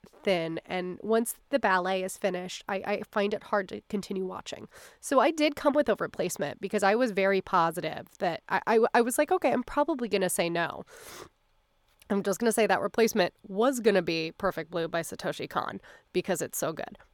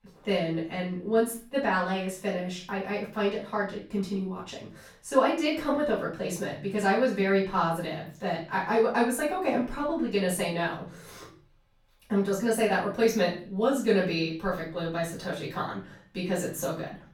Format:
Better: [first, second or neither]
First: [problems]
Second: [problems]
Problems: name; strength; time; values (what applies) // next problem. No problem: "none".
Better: first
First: none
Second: off-mic speech; far // room echo; slight; dies away in 0.5 s